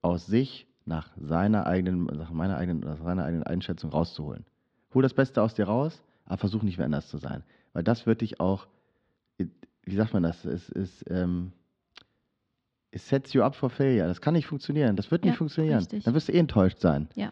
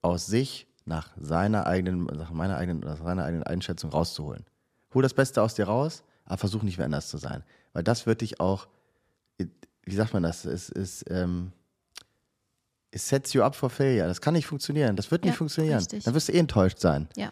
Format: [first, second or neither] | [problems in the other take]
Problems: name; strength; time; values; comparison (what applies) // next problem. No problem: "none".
second | muffled; slightly; fading above 4 kHz